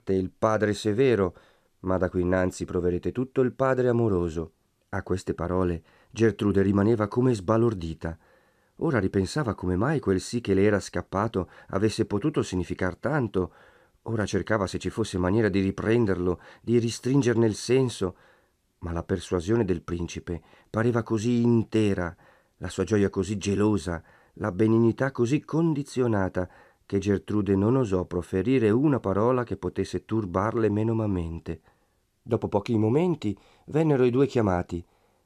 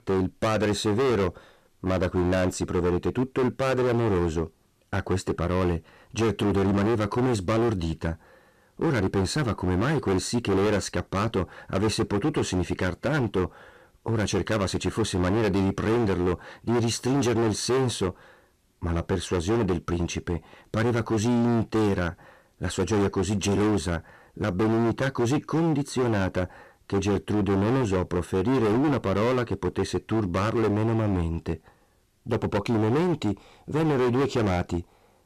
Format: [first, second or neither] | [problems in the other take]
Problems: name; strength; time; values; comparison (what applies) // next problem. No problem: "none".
first | distortion; heavy; 21% of the sound clipped